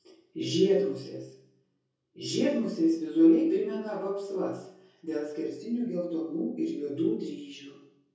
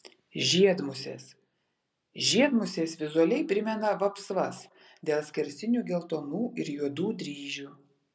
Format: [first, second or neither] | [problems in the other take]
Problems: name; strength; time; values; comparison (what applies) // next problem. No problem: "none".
second | room echo; dies away in 0.6 s